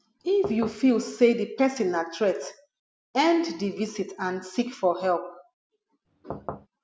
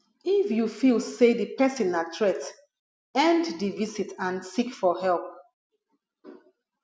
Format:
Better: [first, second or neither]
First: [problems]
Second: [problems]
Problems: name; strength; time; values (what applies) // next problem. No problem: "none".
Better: second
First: background sound (Knock / Wood); 12 dB below the speech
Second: none